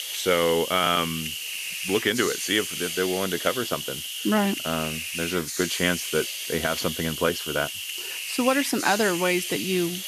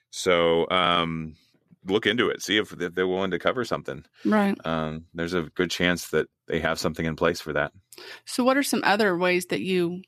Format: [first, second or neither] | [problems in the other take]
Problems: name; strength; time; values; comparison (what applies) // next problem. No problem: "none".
second | hiss; loud; throughout; 4 dB below the speech